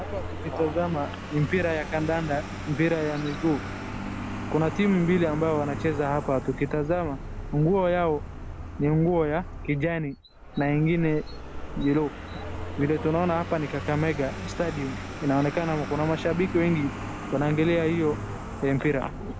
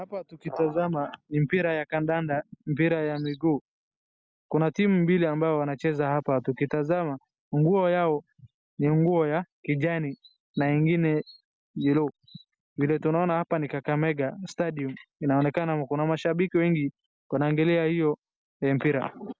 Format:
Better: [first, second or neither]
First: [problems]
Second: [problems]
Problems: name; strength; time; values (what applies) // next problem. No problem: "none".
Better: second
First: background sound (Vehicle); 8 dB below the speech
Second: none